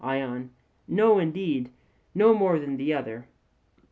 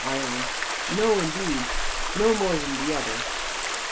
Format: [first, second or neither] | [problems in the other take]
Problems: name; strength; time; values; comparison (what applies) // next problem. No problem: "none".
first | background sound (Stream); as loud as the speech